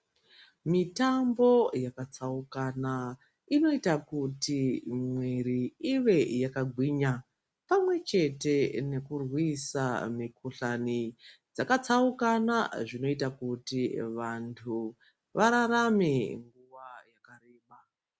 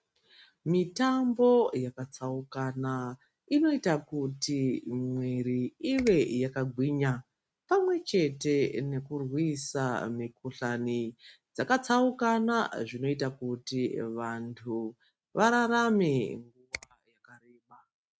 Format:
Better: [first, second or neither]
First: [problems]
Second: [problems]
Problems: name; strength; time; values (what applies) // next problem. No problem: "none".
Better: first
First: none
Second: noise reduction (neural mask model RNNoise)